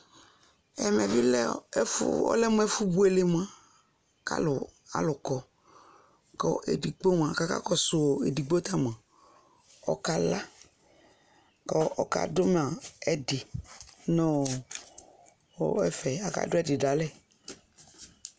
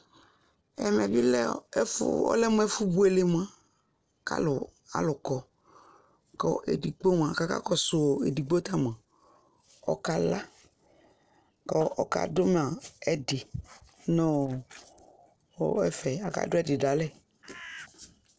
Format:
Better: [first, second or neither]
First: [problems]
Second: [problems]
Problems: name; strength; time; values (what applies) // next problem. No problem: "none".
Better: first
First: none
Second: noise reduction (neural separator model SepFormer DNS4)